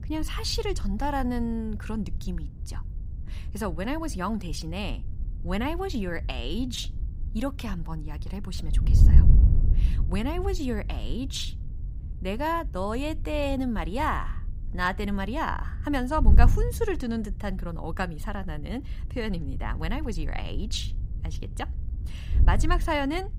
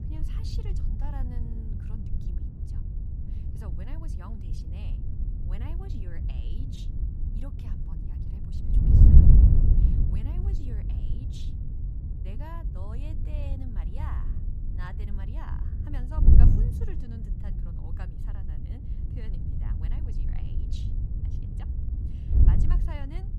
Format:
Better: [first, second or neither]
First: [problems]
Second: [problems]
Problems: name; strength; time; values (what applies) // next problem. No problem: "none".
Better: first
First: wind noise on the microphone; occasional gusts; 15 dB below the speech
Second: wind noise on the microphone; heavy; 5 dB above the speech